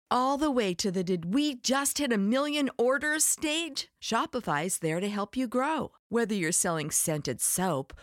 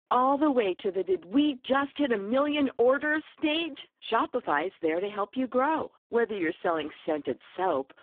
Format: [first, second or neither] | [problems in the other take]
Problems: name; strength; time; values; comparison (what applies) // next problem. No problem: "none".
first | phone-call audio; poor line; nothing above 3.5 kHz